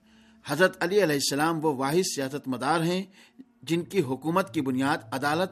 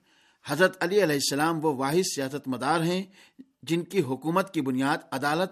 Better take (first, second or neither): second